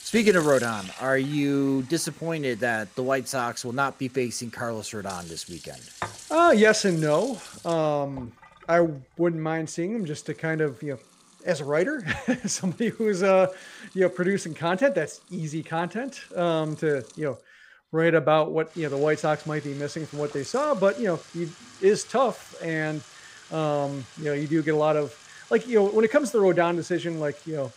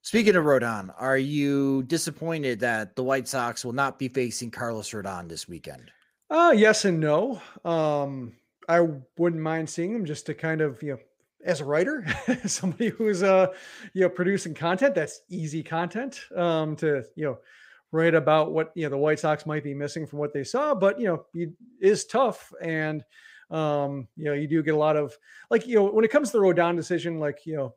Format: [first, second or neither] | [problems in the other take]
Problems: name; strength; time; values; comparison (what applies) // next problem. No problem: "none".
second | household noises; noticeable; throughout; 20 dB below the speech